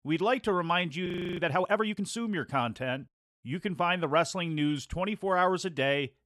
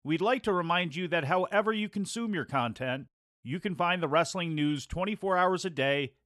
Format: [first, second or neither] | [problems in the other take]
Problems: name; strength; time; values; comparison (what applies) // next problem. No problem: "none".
second | audio freezing; at 1 s